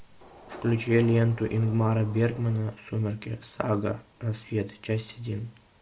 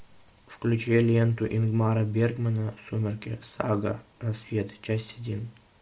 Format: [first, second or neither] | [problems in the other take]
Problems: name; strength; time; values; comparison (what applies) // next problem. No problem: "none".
second | background sound (Subway, metro, underground); 18 dB below the speech